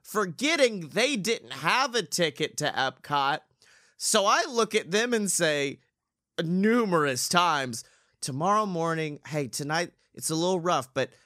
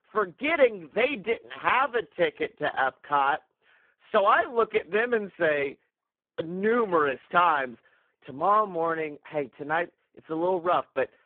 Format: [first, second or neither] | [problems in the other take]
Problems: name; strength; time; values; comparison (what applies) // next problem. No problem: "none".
first | phone-call audio; poor line